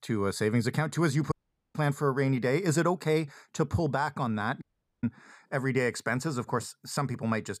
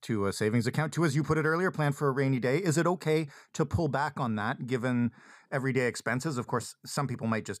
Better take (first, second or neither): second